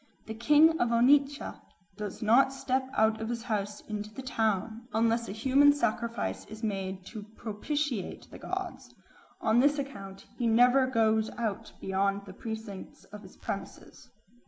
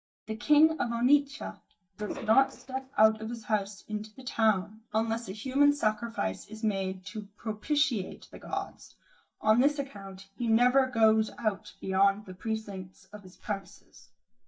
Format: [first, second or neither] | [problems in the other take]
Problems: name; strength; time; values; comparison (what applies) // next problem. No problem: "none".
first | noise reduction (neural mask model DeepFilterNet 3)